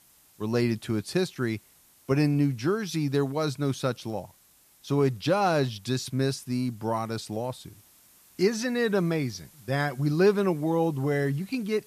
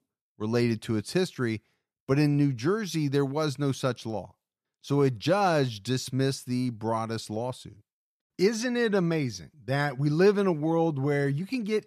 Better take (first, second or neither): second